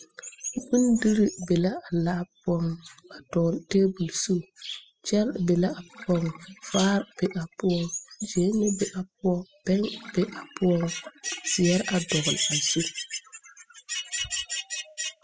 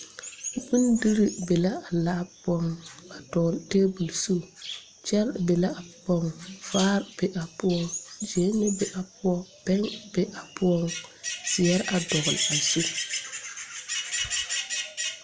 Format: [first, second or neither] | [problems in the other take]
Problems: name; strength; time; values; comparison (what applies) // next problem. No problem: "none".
second | noise reduction (classical method spectral subtraction)